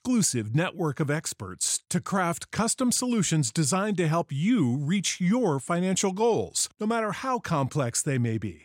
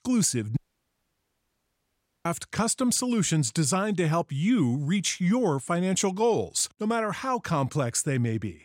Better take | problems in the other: first | audio cutting out; at 0.5 s for 1.5 s

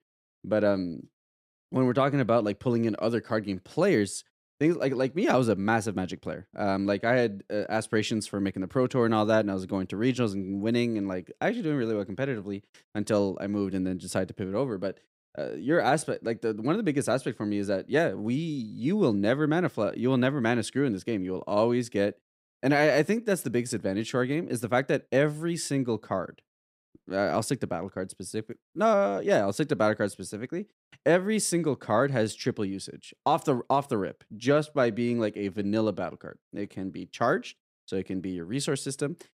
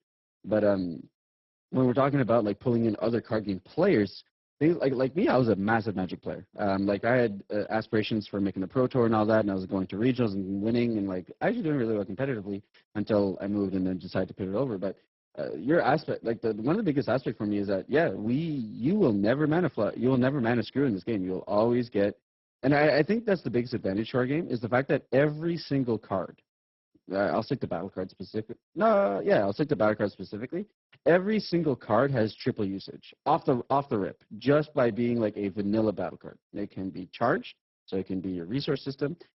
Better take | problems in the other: first | garbled, watery; badly; nothing above 5.5 kHz

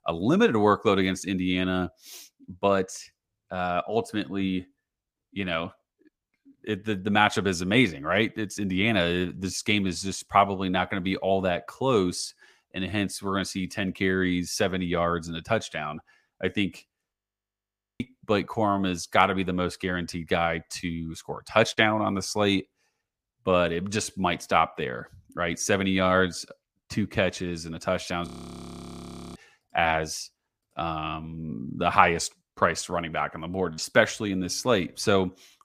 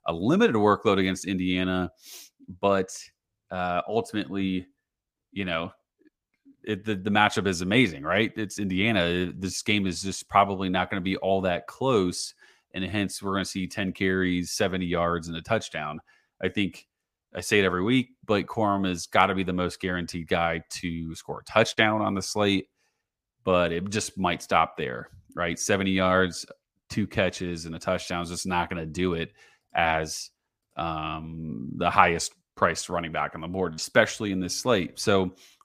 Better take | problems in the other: second | audio freezing; at 17 s for 1 s and at 28 s for 1 s

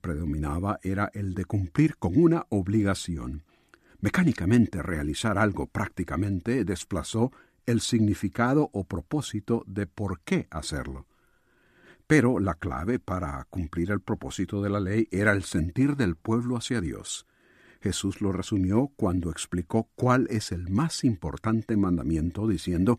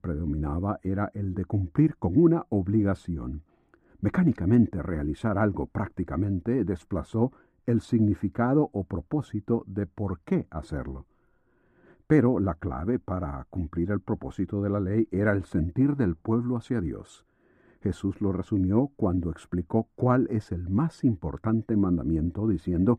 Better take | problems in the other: first | muffled; very; fading above 2 kHz

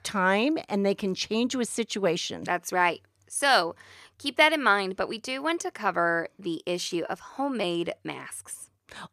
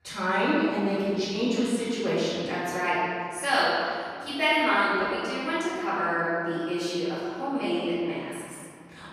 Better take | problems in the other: first | off-mic speech; far // room echo; strong; dies away in 2.2 s

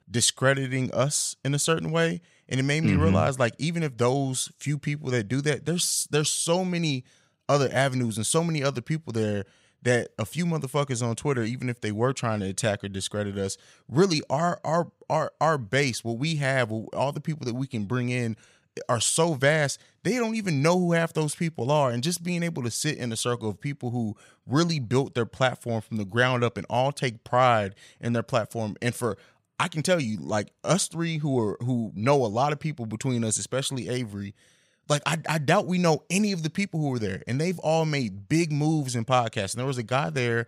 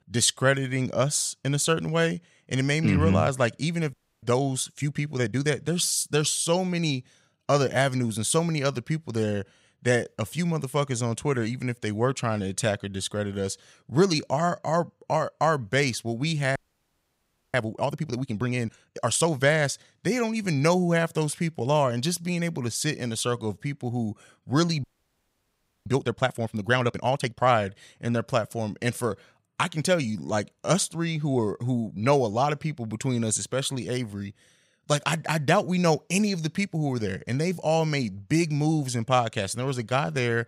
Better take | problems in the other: first | audio freezing; at 4 s, at 17 s for 1 s and at 25 s for 1 s

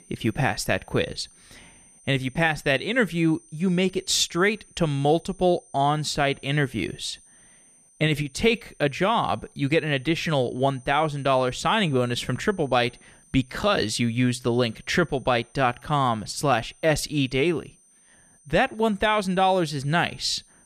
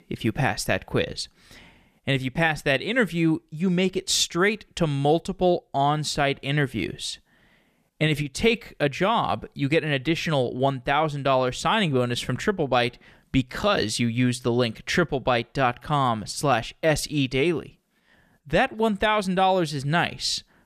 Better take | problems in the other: second | high-pitched whine; faint; throughout; 9 kHz, 30 dB below the speech

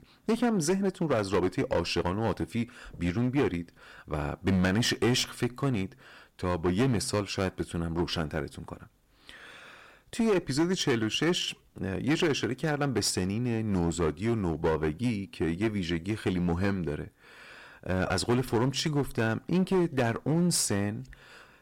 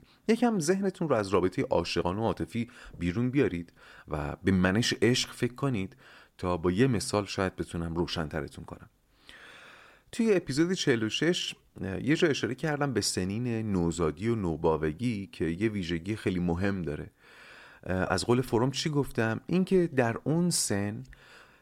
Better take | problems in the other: second | distortion; slight; 7% of the sound clipped

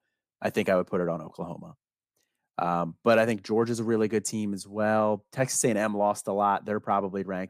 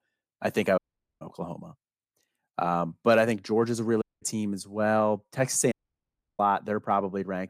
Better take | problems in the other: first | audio cutting out; at 1 s, at 4 s and at 5.5 s for 0.5 s

